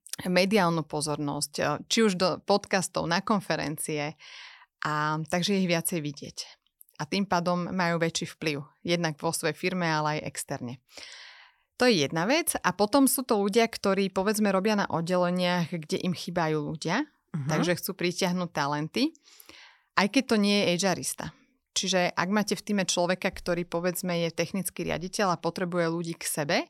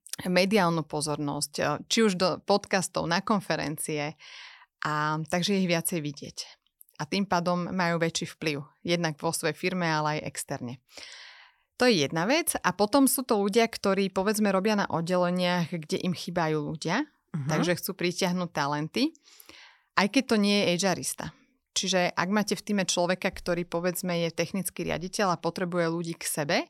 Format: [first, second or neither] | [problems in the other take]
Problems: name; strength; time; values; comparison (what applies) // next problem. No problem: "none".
neither | none